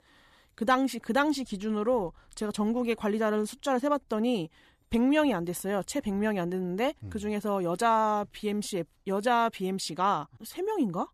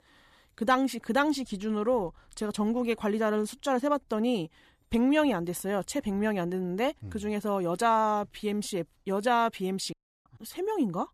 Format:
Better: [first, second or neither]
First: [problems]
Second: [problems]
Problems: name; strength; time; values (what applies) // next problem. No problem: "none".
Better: first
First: none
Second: audio cutting out; at 10 s